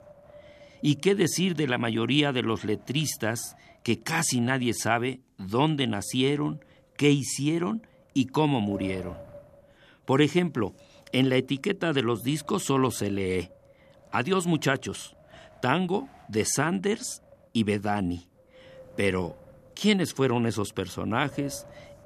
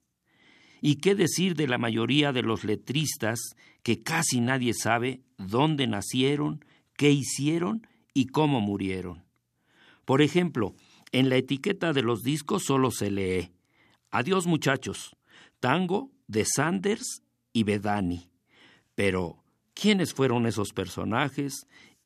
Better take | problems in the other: second | wind noise on the microphone; occasional gusts; 20 dB below the speech

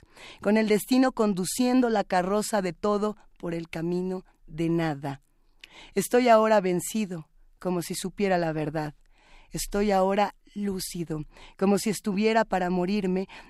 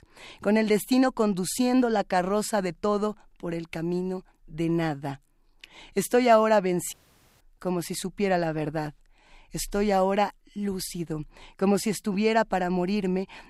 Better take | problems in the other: first | audio cutting out; at 7 s

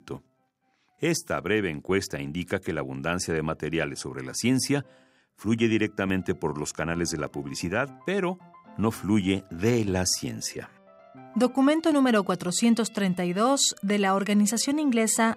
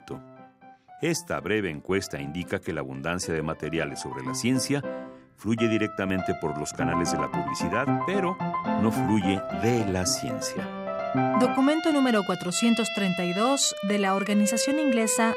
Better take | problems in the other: first | background music; loud; throughout; 4 dB below the speech; faint in the first

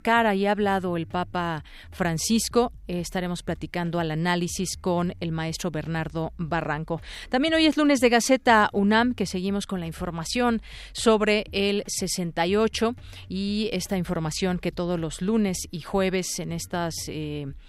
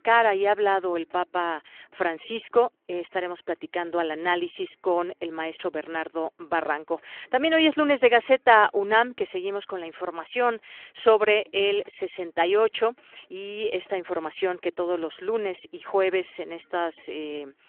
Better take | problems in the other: first | phone-call audio; nothing above 3 kHz

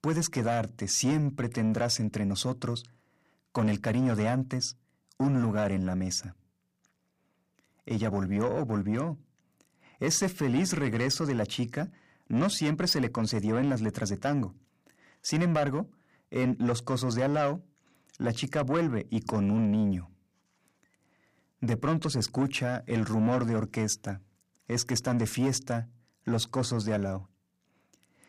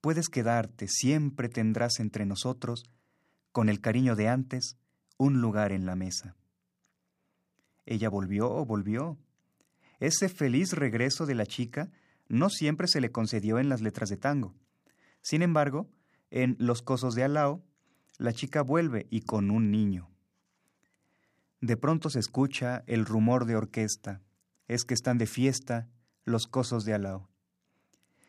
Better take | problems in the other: second | distortion; slight; 10 dB below the speech

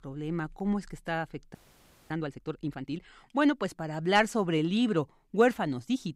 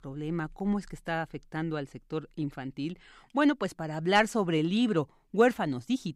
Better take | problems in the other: second | audio freezing; at 1.5 s for 0.5 s

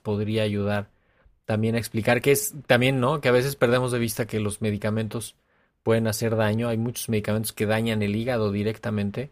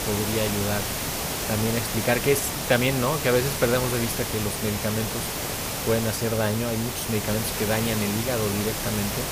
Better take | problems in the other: first | hiss; loud; throughout; 2 dB below the speech

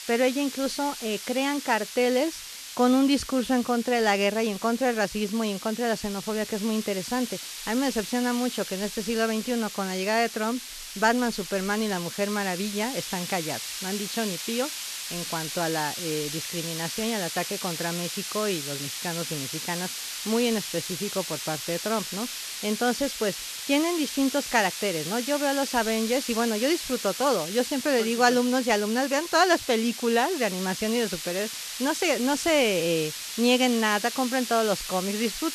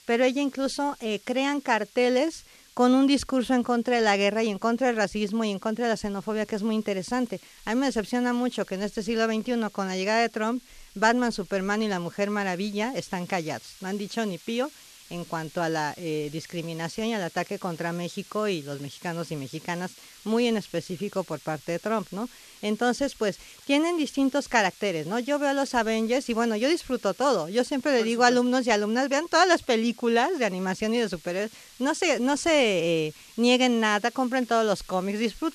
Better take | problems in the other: second | hiss; loud; throughout; 7 dB below the speech; faint in the second

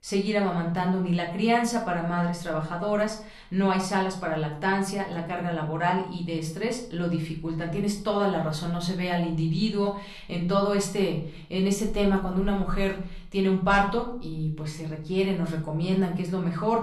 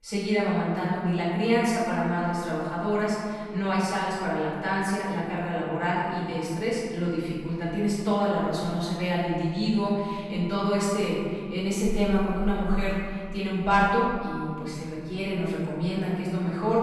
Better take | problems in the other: first | room echo; strong; dies away in 1.9 s; slight in the first // off-mic speech; far; far in the first

